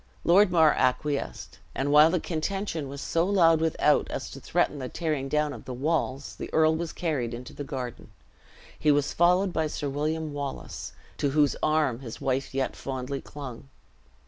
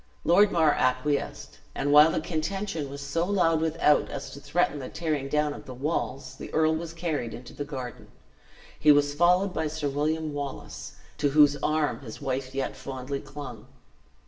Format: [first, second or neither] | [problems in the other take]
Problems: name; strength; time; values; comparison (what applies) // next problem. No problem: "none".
first | room echo; dies away in 0.7 s